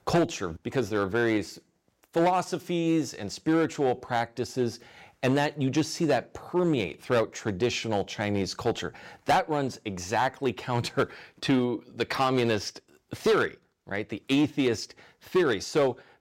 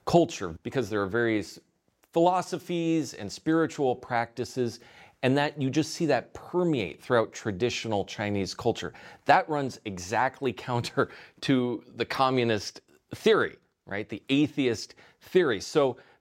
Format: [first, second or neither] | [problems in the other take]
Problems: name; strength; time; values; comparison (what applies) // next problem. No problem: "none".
second | distortion; slight; 4% of the sound clipped